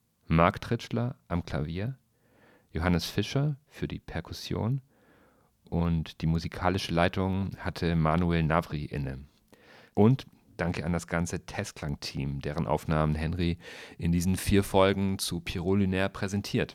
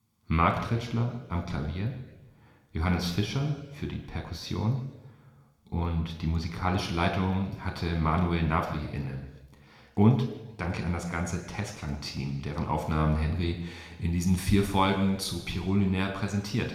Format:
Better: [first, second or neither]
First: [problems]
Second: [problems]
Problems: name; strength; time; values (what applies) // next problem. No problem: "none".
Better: first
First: none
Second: room echo; slight; dies away in 1 s